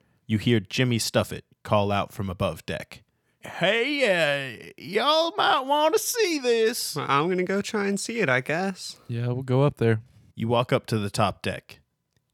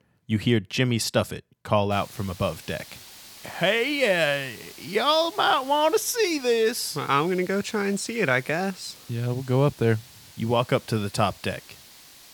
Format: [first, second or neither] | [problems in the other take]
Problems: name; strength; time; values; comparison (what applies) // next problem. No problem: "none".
first | hiss; noticeable; from 2 s on; 20 dB below the speech